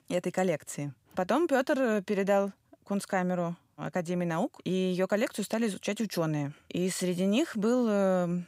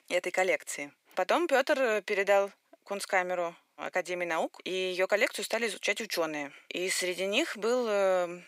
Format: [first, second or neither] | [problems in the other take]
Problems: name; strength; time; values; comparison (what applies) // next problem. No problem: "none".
first | thin; somewhat; fading below 400 Hz